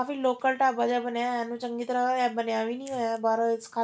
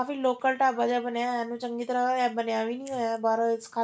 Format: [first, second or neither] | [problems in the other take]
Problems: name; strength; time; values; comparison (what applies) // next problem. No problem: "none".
first | noise reduction (neural mask model Resemble Enhance denoiser)